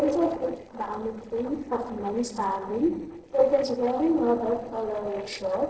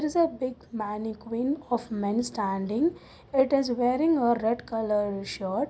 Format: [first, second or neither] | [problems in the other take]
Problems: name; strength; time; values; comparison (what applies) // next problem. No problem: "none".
second | noise reduction (neural separator model SepFormer DNS4)